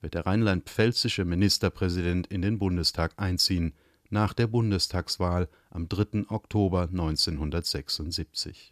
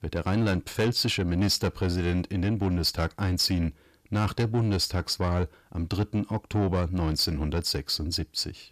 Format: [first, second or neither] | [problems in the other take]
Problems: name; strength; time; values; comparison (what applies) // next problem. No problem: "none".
first | distortion; slight; 10 dB below the speech